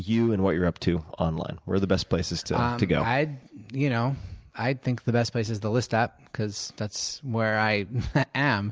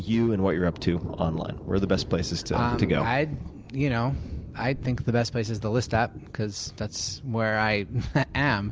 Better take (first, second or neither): first